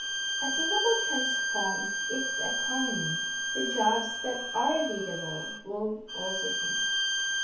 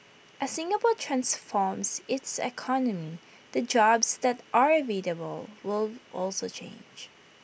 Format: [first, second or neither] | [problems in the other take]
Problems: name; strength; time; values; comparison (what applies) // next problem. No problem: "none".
second | background sound (Bowed string instrument); 2 dB above the speech // room echo; dies away in 0.6 s